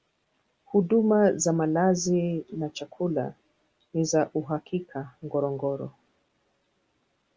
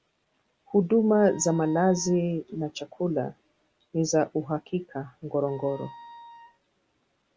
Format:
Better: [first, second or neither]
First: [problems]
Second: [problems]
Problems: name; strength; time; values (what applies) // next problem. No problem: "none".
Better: first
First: none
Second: background sound (Wind instrument, woodwind instrument); 19 dB below the speech